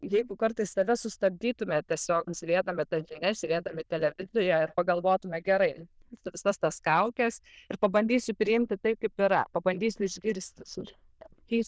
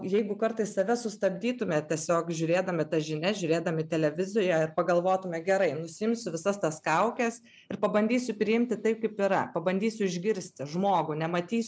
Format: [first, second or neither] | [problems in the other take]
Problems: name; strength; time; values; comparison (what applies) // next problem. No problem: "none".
second | noise reduction (neural diffusion model UNIVERSE++)